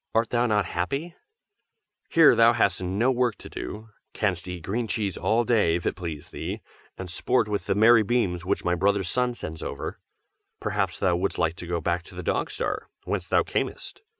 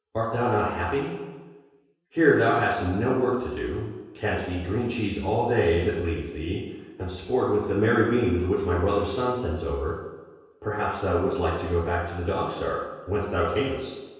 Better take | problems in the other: first | room echo; dies away in 1.2 s

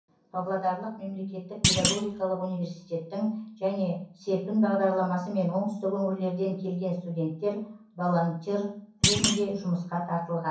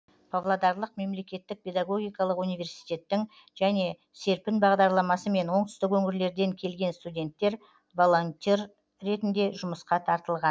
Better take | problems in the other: second | background sound (Thump, thud); as loud as the speech // room echo; dies away in 0.6 s

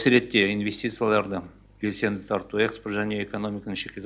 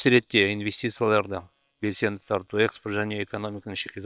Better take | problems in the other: first | noise reduction (neural separator model SepFormer WHAM!)

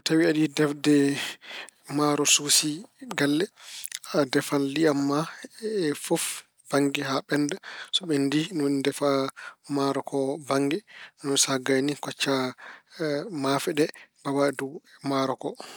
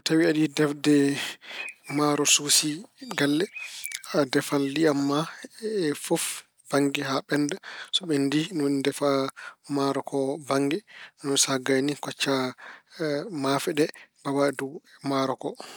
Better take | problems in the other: first | background sound (Bird); 18 dB below the speech

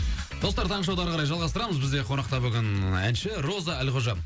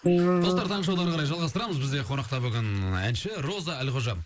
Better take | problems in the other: first | noise reduction (neural mask model Resemble Enhance denoiser)

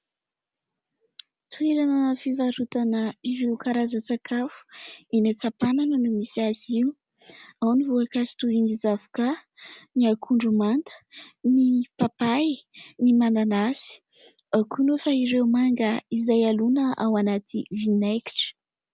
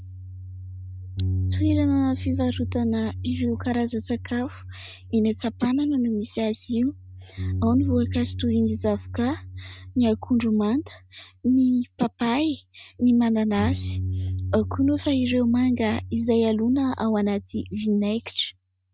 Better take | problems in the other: first | noise reduction (neural mask model RNNoise)

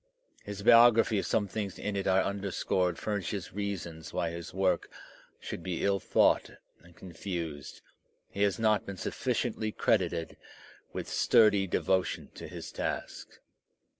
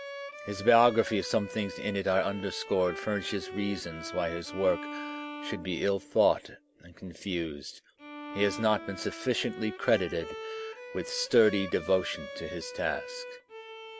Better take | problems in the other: first | background sound (Bowed string instrument); 12 dB below the speech

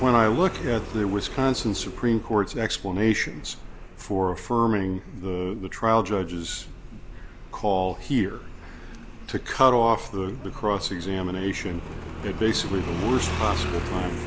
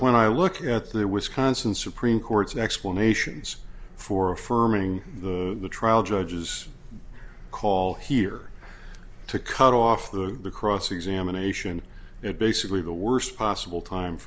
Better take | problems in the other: second | background sound (Motorcycle); 10 dB below the speech

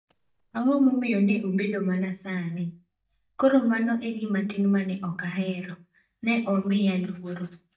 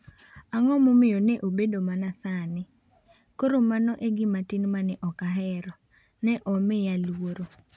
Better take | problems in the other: second | noise reduction (neural mask model DeepFilterNet 3)

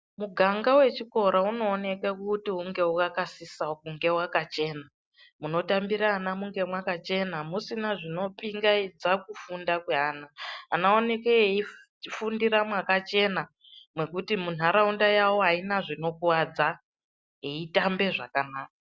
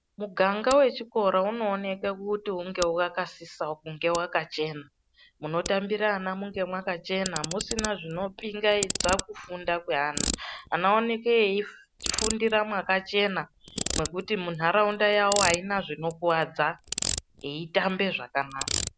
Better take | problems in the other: first | background sound (Ratchet, pawl); 9 dB below the speech

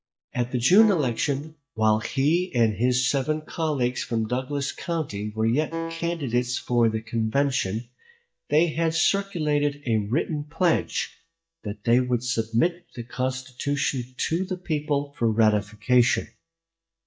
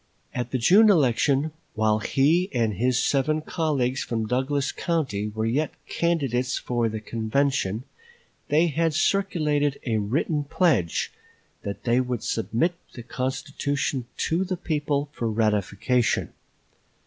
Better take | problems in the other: second | noise reduction (neural mask model DeepFilterNet 3)

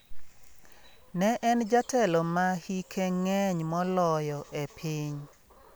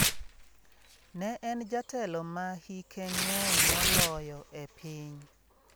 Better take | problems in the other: first | background sound (Tearing); 4 dB above the speech

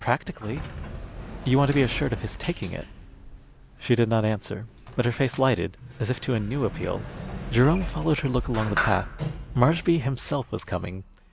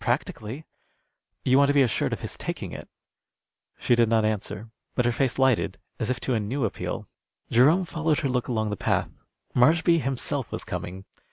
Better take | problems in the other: second | background sound (Sliding door); 10 dB below the speech

